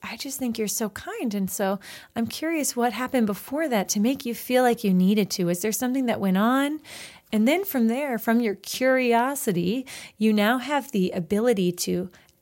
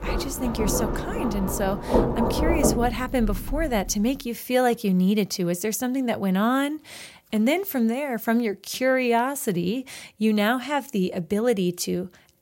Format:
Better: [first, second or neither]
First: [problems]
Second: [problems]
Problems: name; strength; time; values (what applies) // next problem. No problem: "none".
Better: first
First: none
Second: rain or running water; loud; until 4 s; 2 dB below the speech